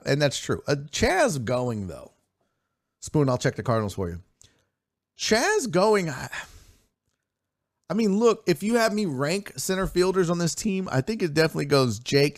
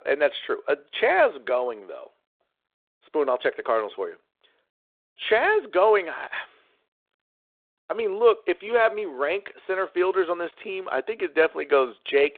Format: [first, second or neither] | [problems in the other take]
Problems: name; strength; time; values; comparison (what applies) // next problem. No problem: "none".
first | phone-call audio